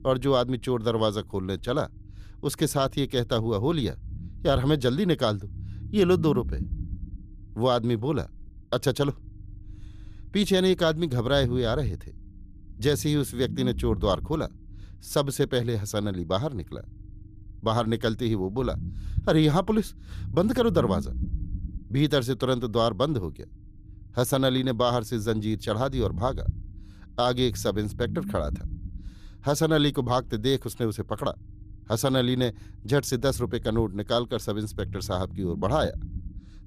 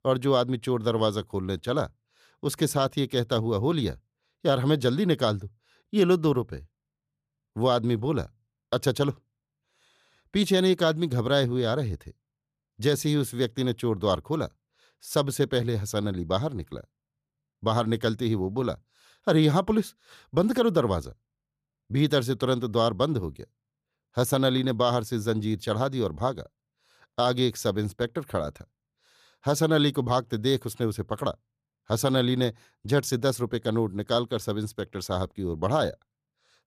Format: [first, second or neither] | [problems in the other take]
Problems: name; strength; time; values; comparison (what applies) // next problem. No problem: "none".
second | low rumble; faint; throughout; 25 dB below the speech